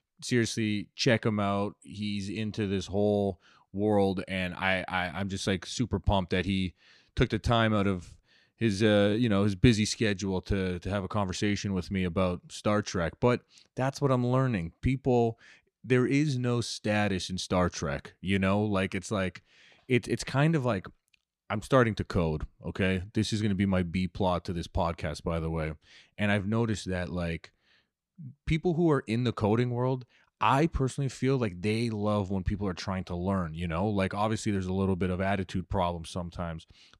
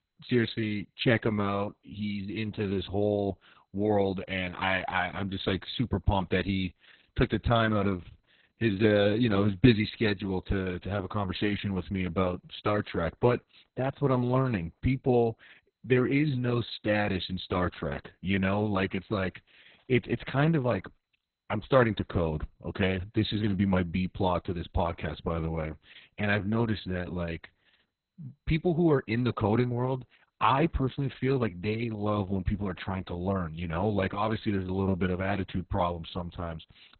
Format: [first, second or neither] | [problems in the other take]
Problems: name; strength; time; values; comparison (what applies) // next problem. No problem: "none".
first | garbled, watery; badly; nothing above 4 kHz